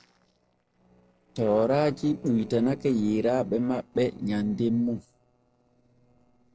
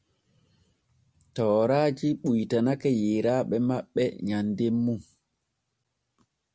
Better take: second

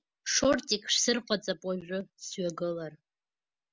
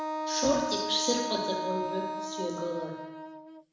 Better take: first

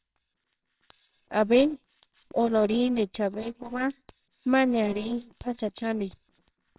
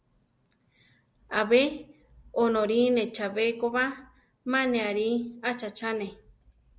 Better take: second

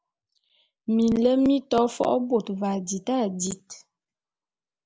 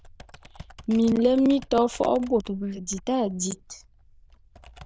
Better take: first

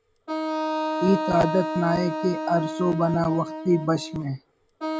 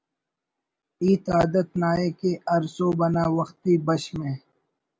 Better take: second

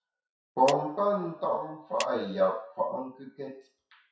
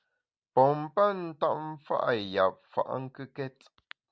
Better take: second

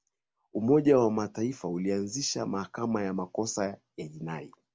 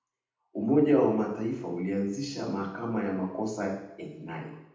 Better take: first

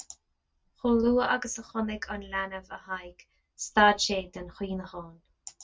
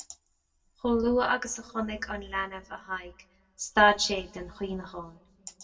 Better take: first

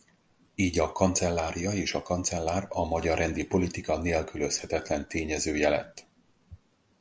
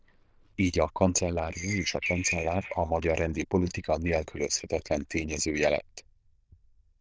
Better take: first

